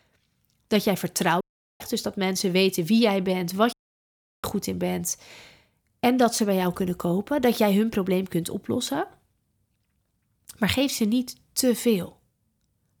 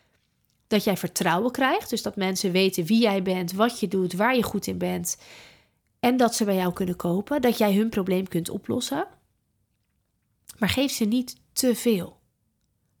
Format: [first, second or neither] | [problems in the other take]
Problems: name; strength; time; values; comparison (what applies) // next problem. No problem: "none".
second | audio cutting out; at 1.5 s and at 3.5 s for 0.5 s